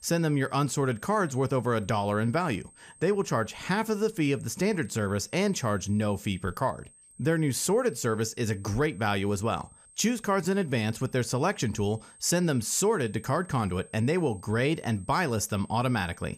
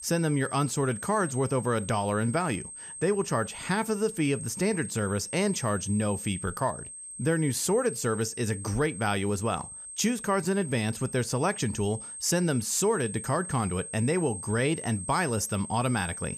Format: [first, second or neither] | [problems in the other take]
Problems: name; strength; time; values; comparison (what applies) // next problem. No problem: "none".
first | high-pitched whine; loud; throughout; 8.5 kHz, 10 dB below the speech; faint in the first